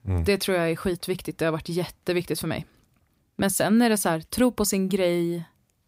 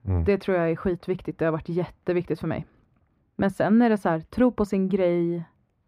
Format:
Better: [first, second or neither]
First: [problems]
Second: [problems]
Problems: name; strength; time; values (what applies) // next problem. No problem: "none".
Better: first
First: none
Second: muffled; very; fading above 3.5 kHz